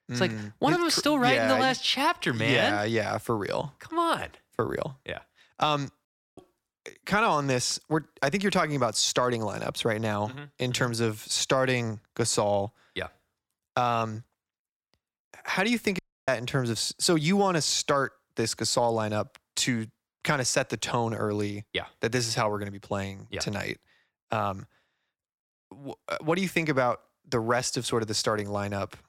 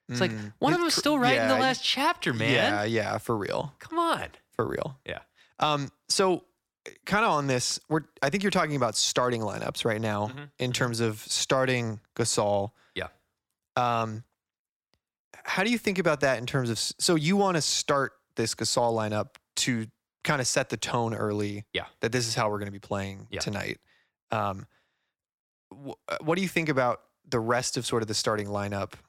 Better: second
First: audio cutting out; at 6 s and at 16 s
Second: none

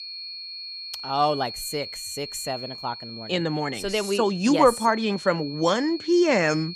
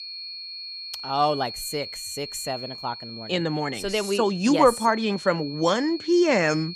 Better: neither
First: high-pitched whine; noticeable; throughout; 4.5 kHz, 10 dB below the speech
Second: high-pitched whine; noticeable; throughout; 4.5 kHz, 10 dB below the speech

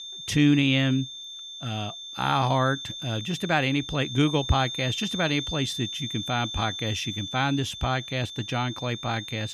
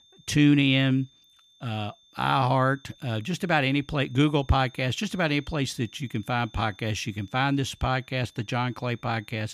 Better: second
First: high-pitched whine; loud; throughout; 3.5 kHz, 8 dB below the speech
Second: high-pitched whine; faint; throughout; 3.5 kHz, 30 dB below the speech

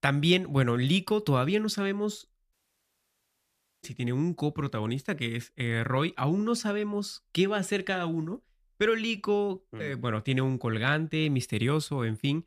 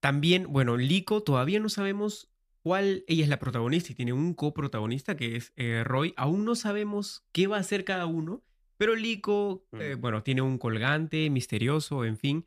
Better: second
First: audio cutting out; at 2.5 s for 1.5 s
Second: none

